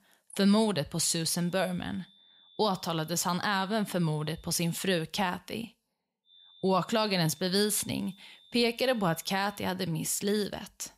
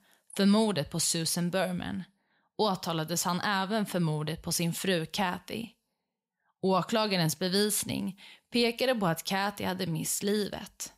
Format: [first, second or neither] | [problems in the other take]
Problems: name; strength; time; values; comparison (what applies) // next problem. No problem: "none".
second | high-pitched whine; faint; from 1 to 5 s and from 6.5 to 9.5 s; 3.5 kHz, 25 dB below the speech